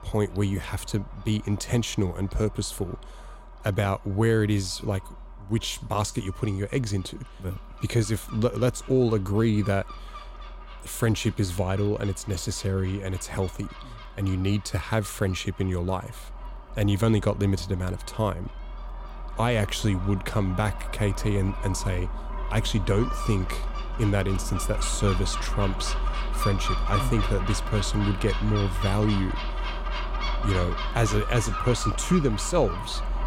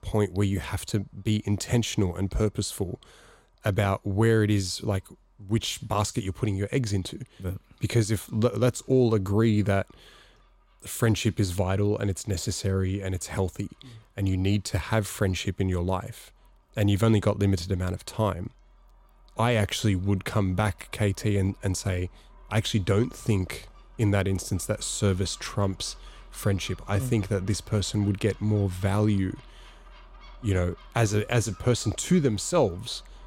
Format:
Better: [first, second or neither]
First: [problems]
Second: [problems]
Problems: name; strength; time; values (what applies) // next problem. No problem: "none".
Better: second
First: animal sounds; loud; throughout; 7 dB below the speech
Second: animal sounds; faint; throughout; 25 dB below the speech